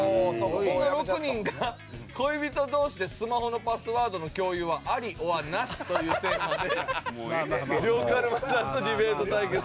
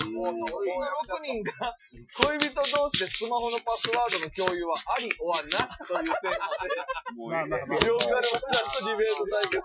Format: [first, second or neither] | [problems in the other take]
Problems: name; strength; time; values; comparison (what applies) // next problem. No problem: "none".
first | noise reduction (classical method Wiener filter)